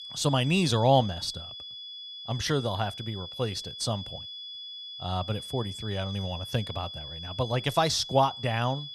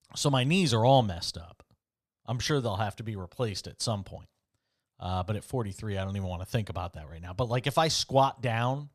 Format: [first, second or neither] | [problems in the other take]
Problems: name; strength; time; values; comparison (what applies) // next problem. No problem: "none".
second | high-pitched whine; loud; throughout; 3.5 kHz, 10 dB below the speech